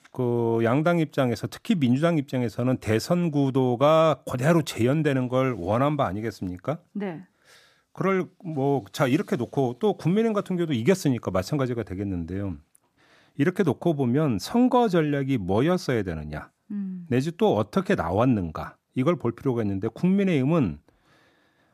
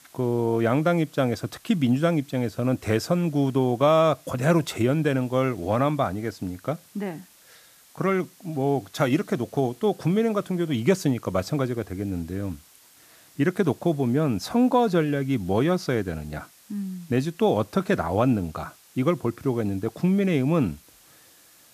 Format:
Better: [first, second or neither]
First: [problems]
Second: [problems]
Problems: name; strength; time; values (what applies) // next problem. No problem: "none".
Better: first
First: none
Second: hiss; faint; throughout; 25 dB below the speech